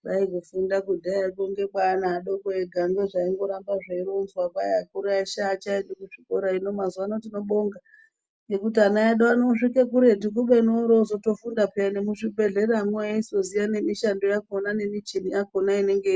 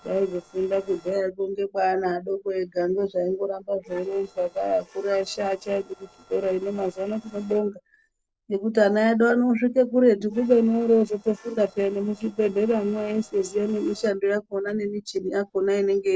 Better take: first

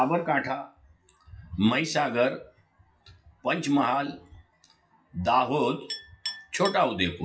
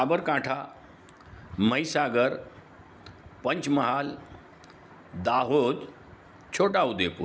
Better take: second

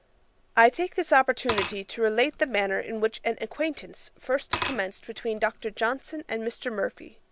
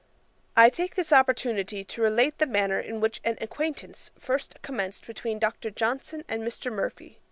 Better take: second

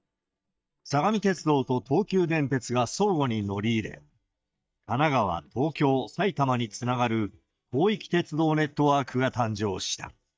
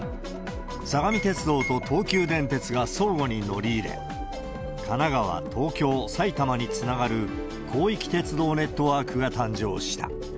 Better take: second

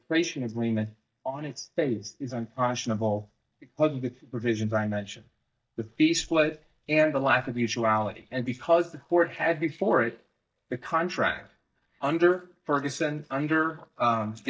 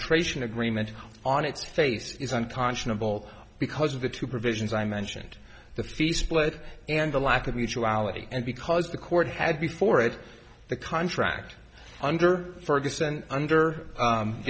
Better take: second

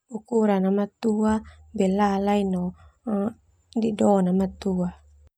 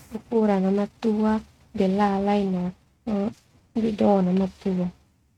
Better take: first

